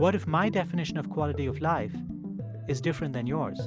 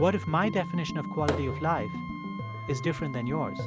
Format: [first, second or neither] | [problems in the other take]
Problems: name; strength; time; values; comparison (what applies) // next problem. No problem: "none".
first | background sound (Wind instrument, woodwind instrument + Fireworks); 11 dB below the speech